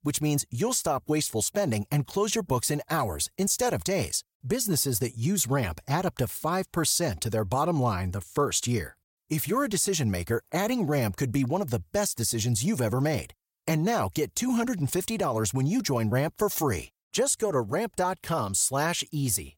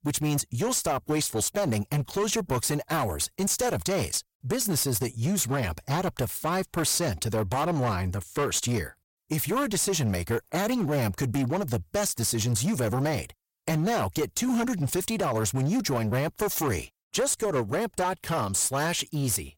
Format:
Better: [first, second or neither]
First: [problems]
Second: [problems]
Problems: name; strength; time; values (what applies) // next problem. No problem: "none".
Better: first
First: none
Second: distortion; slight; 14% of the sound clipped